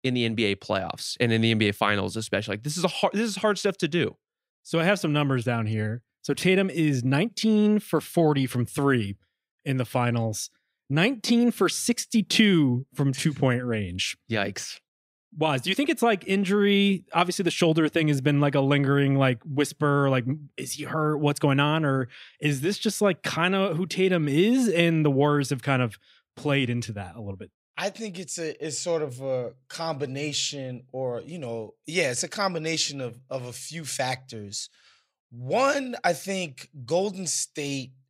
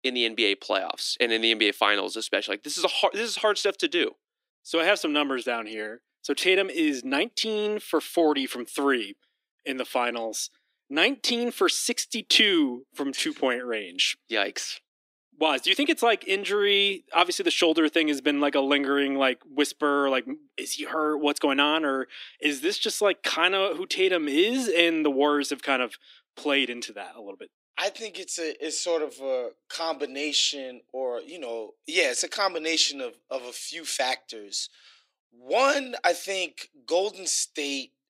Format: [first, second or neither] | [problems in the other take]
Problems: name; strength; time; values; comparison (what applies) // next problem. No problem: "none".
first | thin; somewhat; fading below 300 Hz